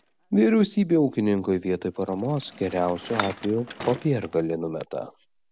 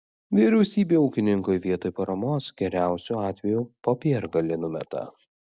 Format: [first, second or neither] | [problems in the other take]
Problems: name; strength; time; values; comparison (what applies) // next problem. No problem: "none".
second | background sound (Bicycle); 16 dB below the speech